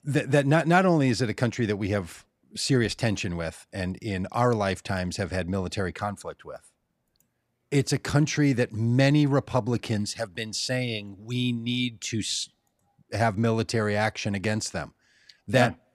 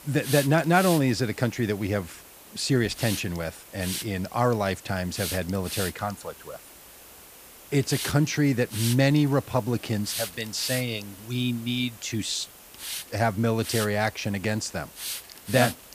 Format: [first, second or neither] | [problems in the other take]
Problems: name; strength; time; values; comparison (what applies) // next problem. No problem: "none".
first | hiss; noticeable; throughout; 10 dB below the speech